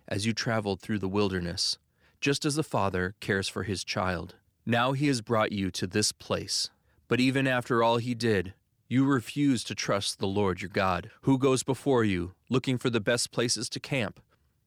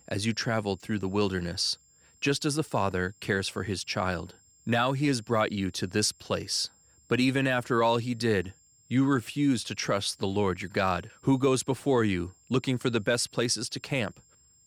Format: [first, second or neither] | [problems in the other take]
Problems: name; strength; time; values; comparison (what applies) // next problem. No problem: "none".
first | high-pitched whine; faint; throughout; 7.5 kHz, 30 dB below the speech